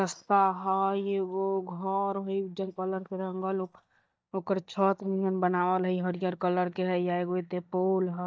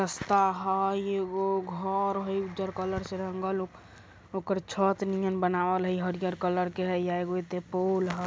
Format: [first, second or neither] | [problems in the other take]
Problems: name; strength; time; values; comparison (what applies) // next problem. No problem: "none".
second | noise reduction (neural mask model DeepFilterNet 3)